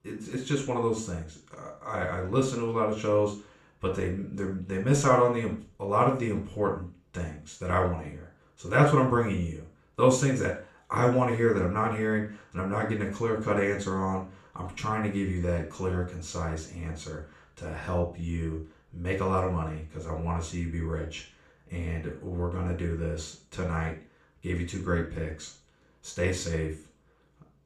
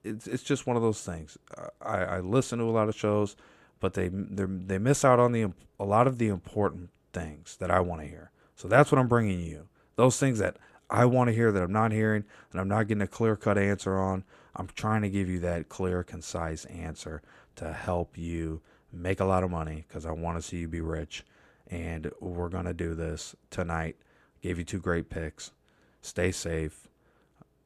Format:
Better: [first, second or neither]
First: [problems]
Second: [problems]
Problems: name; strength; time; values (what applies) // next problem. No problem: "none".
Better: second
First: room echo; slight; dies away in 0.4 s // off-mic speech; far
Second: none